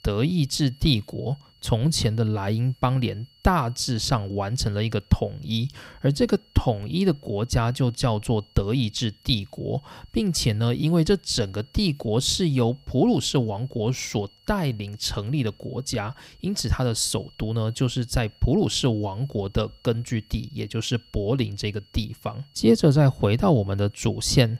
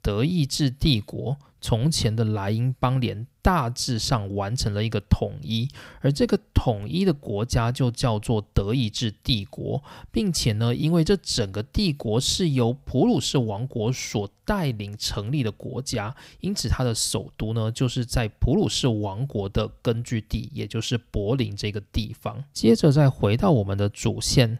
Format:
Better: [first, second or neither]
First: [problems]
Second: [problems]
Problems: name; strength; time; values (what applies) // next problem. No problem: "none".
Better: second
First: high-pitched whine; faint; throughout; 4.5 kHz, 30 dB below the speech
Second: none